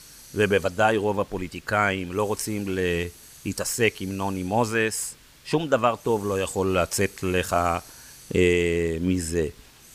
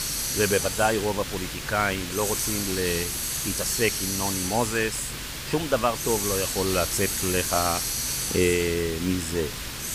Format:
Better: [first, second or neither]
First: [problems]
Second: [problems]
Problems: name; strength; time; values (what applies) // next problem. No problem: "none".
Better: first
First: hiss; faint; throughout; 20 dB below the speech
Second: hiss; loud; throughout; 1 dB below the speech